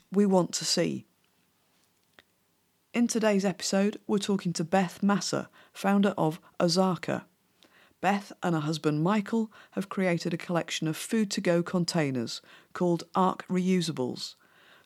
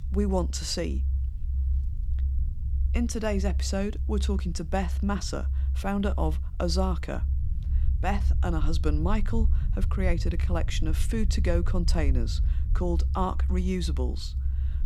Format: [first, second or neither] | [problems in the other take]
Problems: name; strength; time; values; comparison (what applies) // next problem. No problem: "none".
first | low rumble; noticeable; throughout; 15 dB below the speech